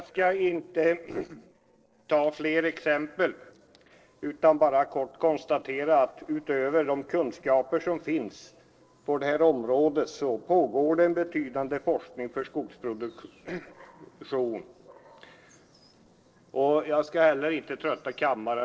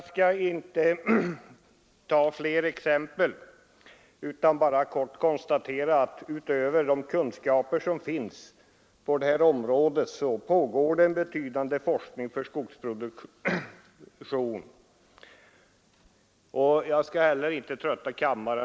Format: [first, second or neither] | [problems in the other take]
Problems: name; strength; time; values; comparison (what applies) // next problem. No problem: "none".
second | noise reduction (neural separator model SepFormer DNS4)